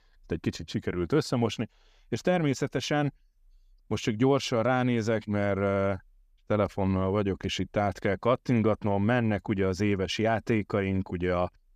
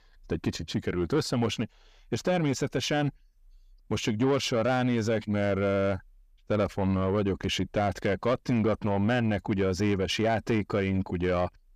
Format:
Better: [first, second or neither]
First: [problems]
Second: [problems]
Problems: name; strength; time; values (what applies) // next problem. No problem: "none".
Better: first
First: none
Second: distortion; slight; 10 dB below the speech